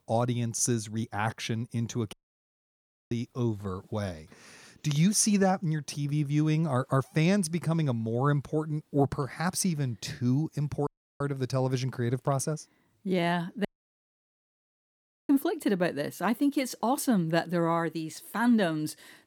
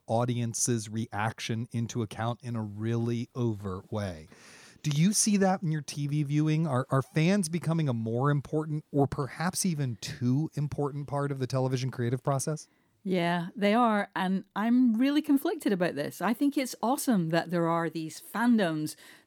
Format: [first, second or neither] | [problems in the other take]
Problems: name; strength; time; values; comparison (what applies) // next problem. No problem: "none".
second | audio cutting out; at 2 s for 1 s, at 11 s and at 14 s for 1.5 s